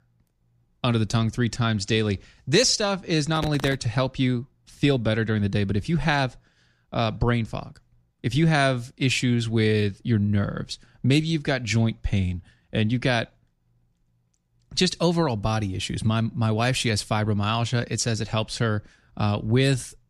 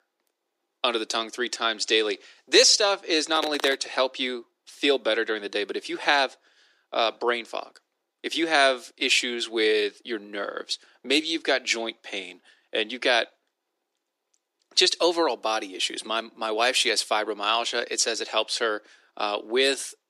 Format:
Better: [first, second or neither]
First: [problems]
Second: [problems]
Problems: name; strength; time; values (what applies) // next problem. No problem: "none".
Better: first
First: none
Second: thin; very; fading below 350 Hz